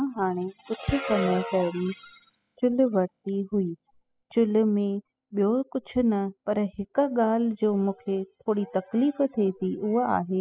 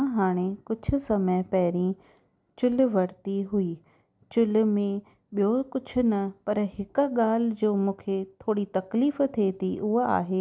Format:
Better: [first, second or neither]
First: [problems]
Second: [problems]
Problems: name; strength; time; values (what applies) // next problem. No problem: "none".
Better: second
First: noise reduction (classical method spectral subtraction)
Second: none